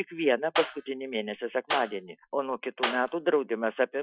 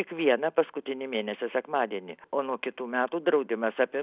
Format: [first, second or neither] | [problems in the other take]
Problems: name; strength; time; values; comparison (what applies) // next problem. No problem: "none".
second | noise reduction (classical method Wiener filter)